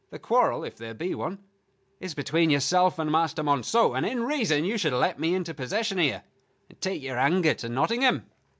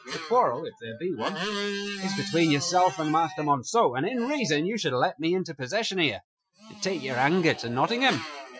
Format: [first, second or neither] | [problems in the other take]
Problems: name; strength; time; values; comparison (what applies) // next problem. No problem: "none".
first | noise reduction (classical method Wiener filter)